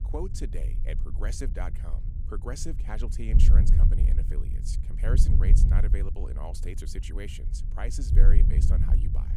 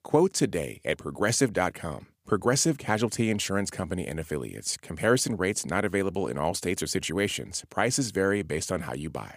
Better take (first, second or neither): second